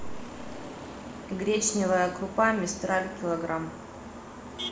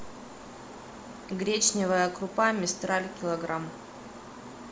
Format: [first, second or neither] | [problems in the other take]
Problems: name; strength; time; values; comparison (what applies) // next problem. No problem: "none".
second | background sound (Motor vehicle (road)); 15 dB below the speech // room echo; dies away in 0.7 s